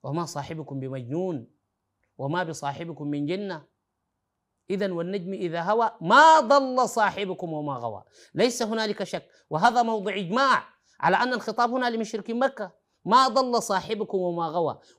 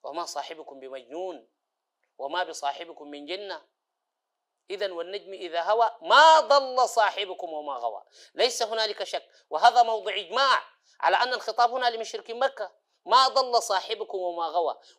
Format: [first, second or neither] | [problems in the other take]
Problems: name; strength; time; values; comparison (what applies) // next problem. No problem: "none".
first | thin; very; fading below 400 Hz